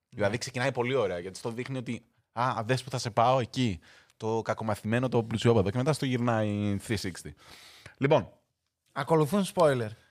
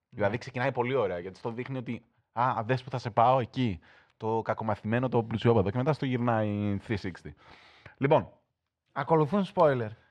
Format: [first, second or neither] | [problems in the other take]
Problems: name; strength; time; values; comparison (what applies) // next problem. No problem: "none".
first | muffled; slightly; fading above 3 kHz